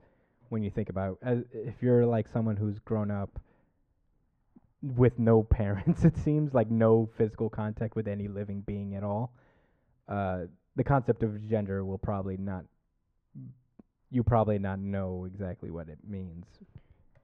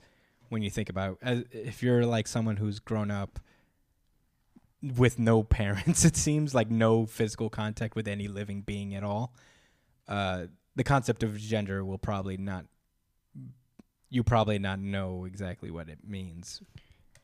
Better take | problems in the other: second | muffled; very; fading above 3.5 kHz

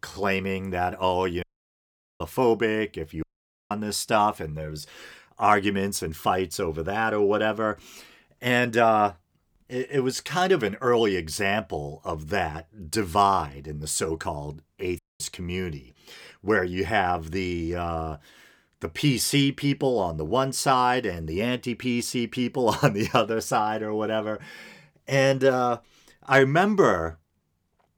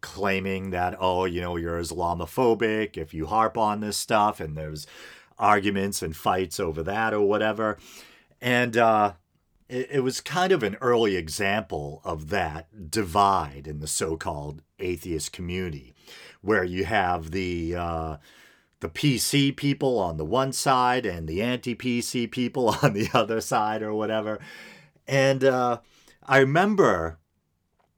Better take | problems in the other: second | audio cutting out; at 1.5 s for 1 s, at 3 s and at 15 s

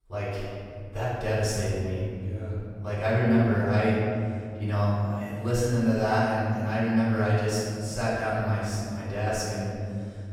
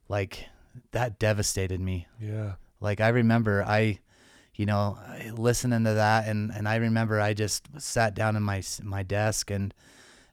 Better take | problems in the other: second | off-mic speech; far // room echo; strong; dies away in 2.4 s

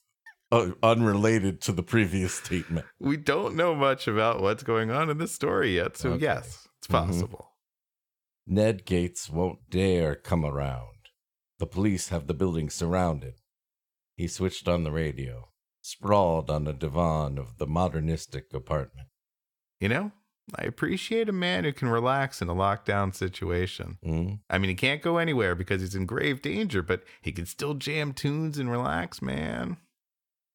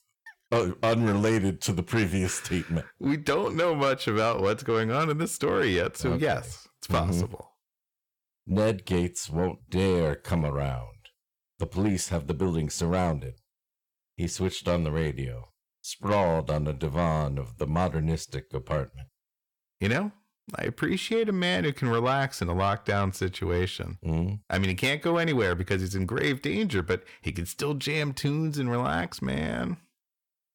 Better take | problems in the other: first | distortion; slight; 10 dB below the speech

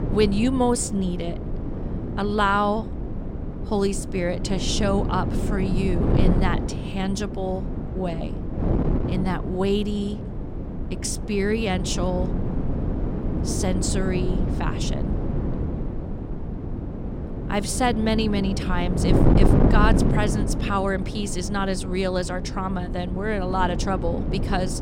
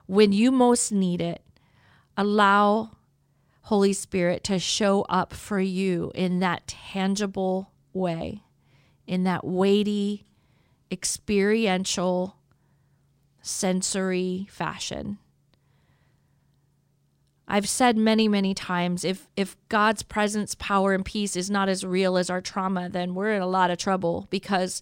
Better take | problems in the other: second | wind noise on the microphone; heavy; 6 dB below the speech

